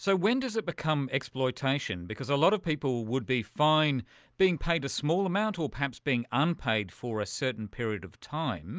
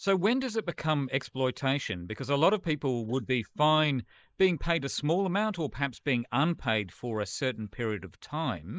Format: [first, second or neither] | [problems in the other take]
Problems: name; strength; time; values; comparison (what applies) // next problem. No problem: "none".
first | noise reduction (neural mask model Resemble Enhance denoiser)